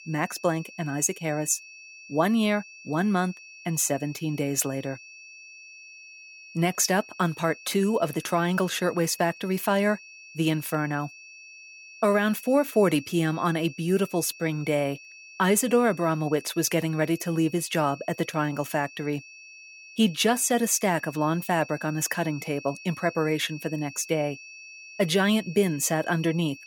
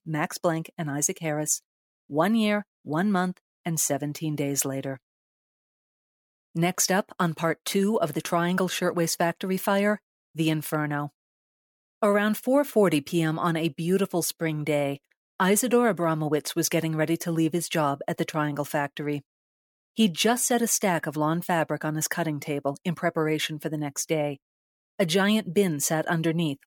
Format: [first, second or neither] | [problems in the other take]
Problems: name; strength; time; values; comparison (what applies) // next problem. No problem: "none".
second | high-pitched whine; noticeable; throughout; 2.5 kHz, 20 dB below the speech